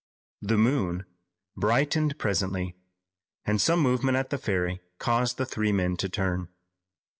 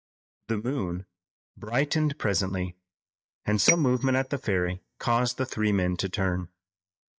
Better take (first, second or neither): first